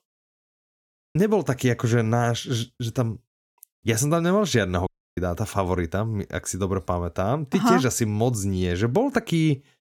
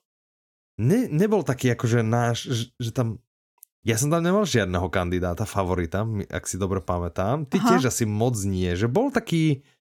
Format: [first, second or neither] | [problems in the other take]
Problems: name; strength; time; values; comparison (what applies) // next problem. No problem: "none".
second | audio cutting out; at 0.5 s and at 5 s